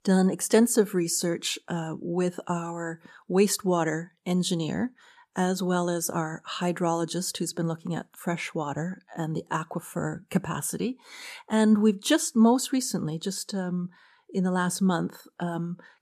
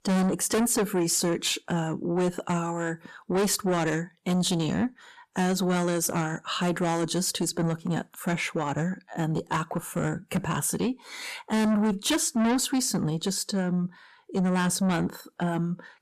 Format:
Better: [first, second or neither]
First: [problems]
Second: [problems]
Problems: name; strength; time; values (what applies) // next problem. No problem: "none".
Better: first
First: none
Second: distortion; heavy; 7 dB below the speech